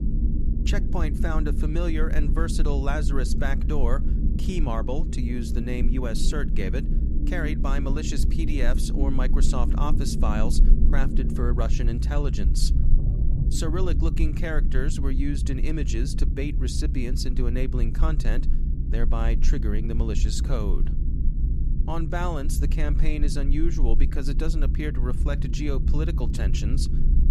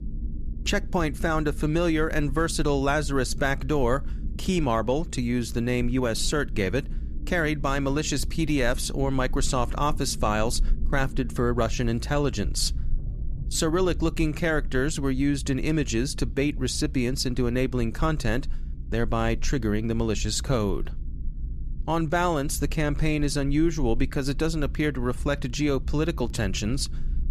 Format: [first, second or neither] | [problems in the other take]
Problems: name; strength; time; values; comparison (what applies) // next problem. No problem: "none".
second | low rumble; loud; throughout; 7 dB below the speech; faint in the second